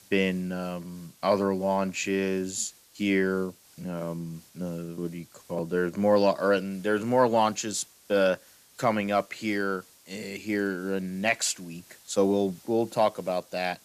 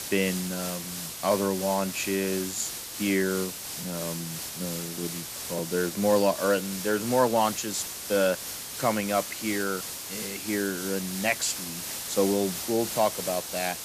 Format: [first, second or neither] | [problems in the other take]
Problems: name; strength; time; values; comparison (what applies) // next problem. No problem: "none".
first | hiss; loud; throughout; 5 dB below the speech; faint in the first